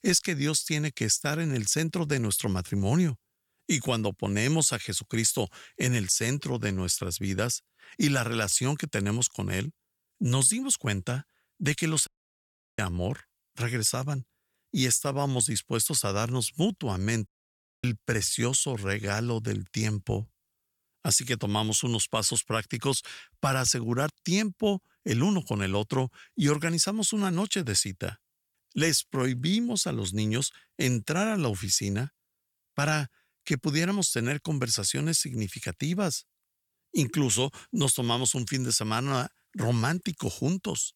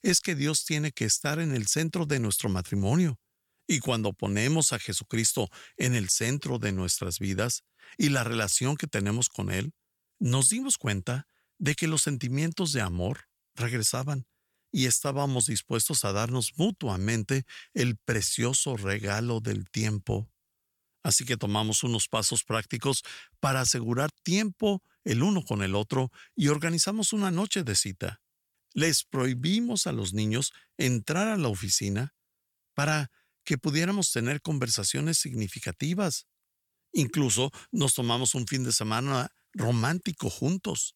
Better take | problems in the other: second | audio cutting out; at 12 s for 0.5 s and at 17 s for 0.5 s

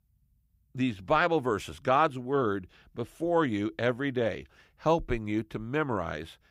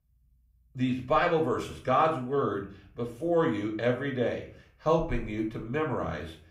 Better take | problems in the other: first | off-mic speech; somewhat distant // room echo; slight; dies away in 0.4 s

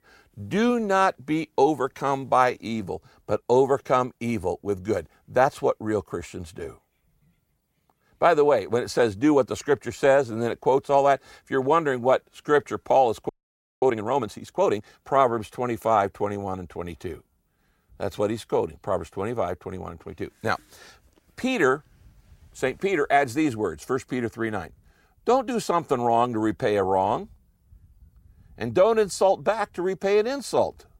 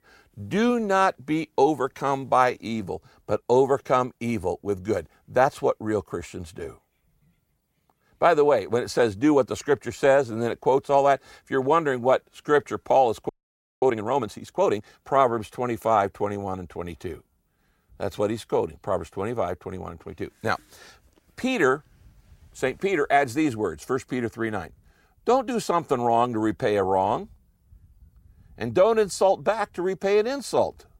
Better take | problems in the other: neither | audio freezing; at 13 s for 0.5 s; the same in both

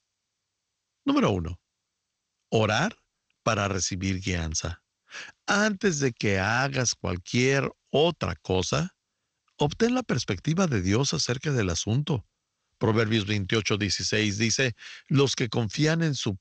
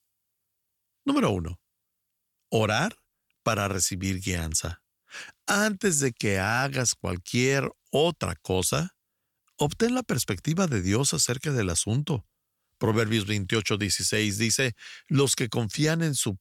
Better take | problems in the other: second | garbled, watery; slightly

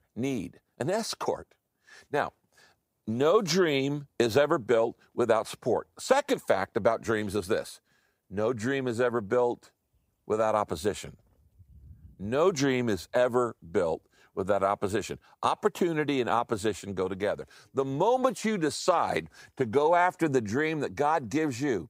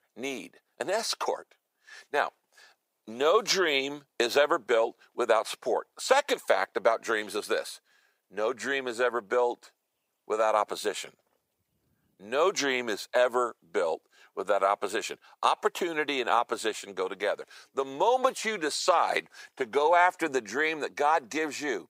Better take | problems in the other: first | thin; somewhat; fading below 450 Hz

